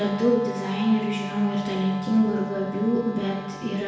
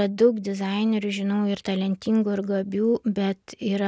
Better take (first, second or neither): second